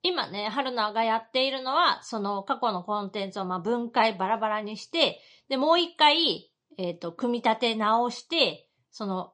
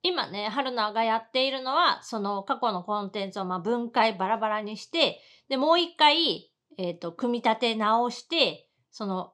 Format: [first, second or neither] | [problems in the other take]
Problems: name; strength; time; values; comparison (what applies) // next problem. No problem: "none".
second | garbled, watery; slightly